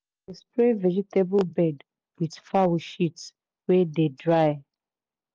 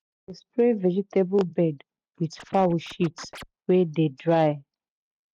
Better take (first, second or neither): first